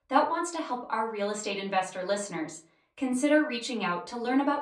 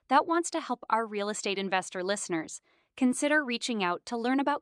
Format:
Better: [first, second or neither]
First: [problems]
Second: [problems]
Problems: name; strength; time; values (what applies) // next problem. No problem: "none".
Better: second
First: off-mic speech; far // room echo; very slight; dies away in 0.3 s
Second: none